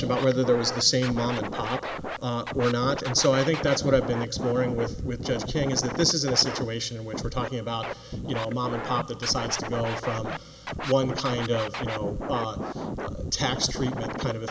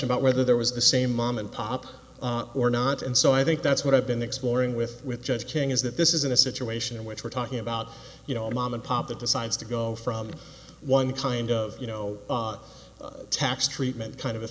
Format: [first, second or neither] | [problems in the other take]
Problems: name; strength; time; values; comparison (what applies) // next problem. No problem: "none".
second | background sound (Scratching (performance technique)); 7 dB below the speech